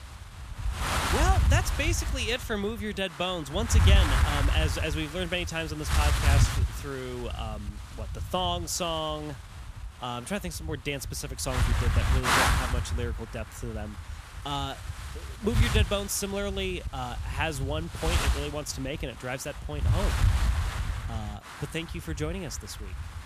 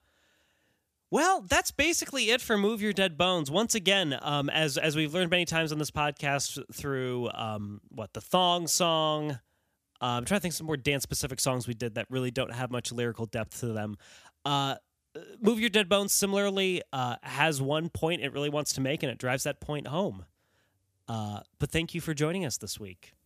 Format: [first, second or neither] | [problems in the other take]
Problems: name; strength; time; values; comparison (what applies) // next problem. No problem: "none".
second | wind noise on the microphone; heavy; as loud as the speech